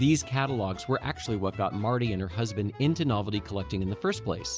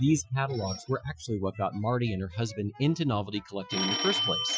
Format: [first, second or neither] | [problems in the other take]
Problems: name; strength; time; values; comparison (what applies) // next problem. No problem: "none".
first | noise reduction (classical method Wiener filter)